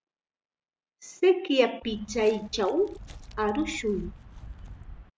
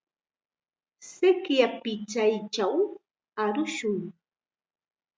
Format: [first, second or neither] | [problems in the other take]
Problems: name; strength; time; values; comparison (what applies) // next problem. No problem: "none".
second | background sound (Walk, footsteps); 15 dB below the speech